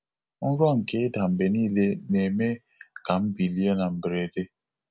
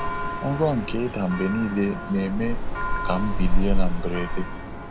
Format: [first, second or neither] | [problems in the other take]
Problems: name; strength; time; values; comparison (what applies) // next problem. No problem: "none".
first | background sound (Church bell); 3 dB above the speech